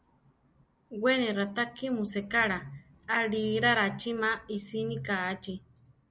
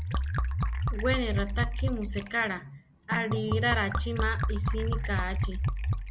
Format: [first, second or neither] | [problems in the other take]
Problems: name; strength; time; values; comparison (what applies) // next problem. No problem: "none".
first | background sound (Liquid); 3 dB above the speech